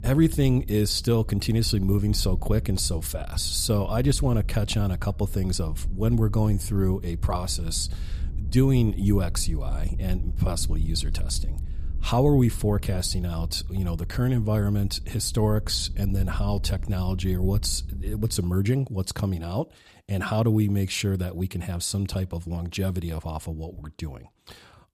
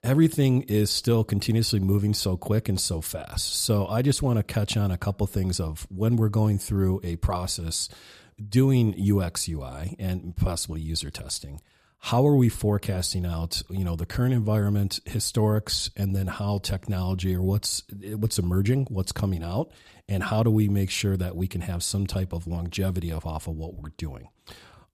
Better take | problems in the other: second | low rumble; faint; until 18 s; 20 dB below the speech

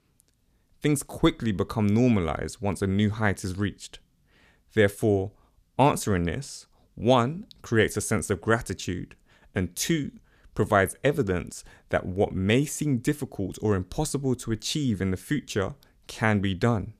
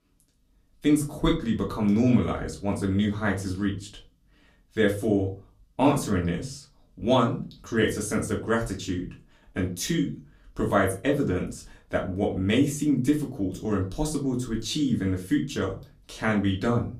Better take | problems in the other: first | off-mic speech; far // room echo; very slight; dies away in 0.3 s

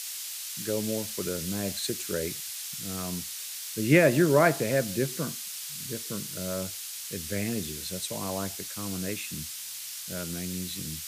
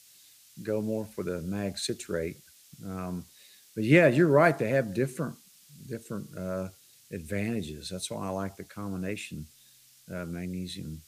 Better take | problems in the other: second | hiss; loud; throughout; 5 dB below the speech; faint in the second

